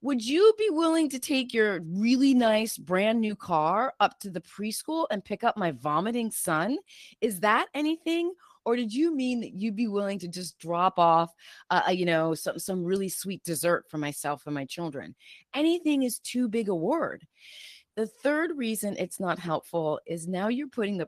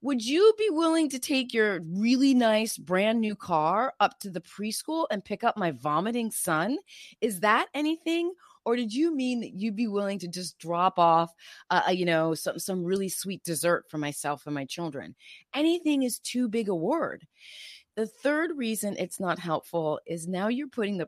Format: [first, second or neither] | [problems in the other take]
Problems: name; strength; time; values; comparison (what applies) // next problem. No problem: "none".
second | garbled, watery; slightly; nothing above 14.5 kHz